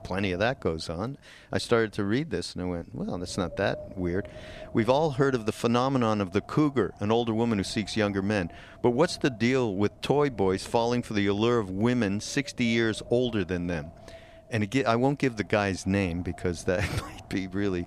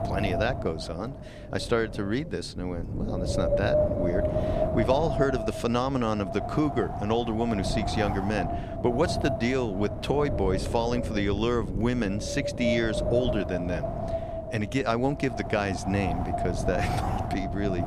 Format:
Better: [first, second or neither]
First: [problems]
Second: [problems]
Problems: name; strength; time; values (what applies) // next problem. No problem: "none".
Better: first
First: wind noise on the microphone; occasional gusts; 20 dB below the speech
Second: wind noise on the microphone; heavy; 1 dB below the speech